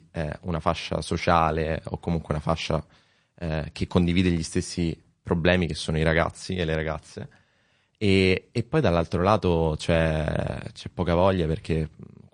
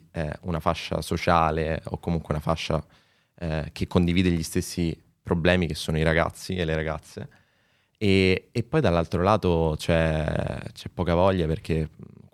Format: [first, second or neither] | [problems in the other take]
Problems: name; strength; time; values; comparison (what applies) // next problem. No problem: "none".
second | garbled, watery; slightly; nothing above 9 kHz